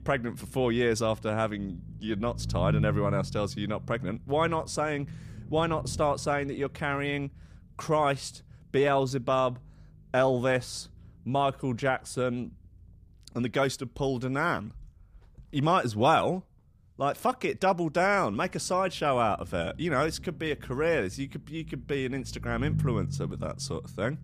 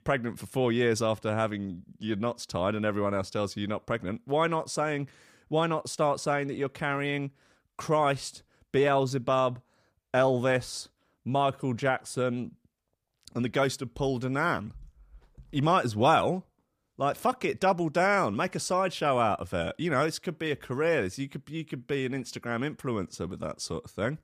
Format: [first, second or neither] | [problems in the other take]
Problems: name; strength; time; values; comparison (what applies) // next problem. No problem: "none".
second | low rumble; faint; throughout; 20 dB below the speech